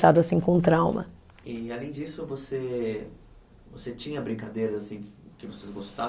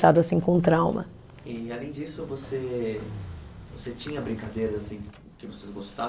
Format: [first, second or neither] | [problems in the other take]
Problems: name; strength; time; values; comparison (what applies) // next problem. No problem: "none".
first | background sound (Motorcycle); 17 dB below the speech